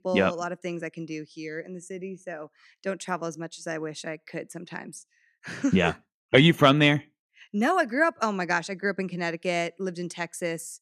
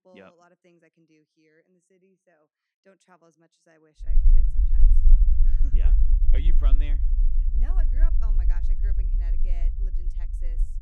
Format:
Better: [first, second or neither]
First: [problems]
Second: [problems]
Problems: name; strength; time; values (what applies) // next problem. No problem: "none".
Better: first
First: none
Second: low rumble; loud; from 4 s on; 1 dB below the speech